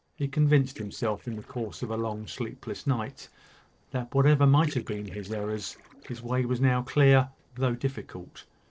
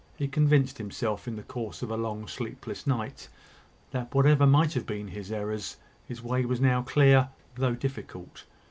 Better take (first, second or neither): second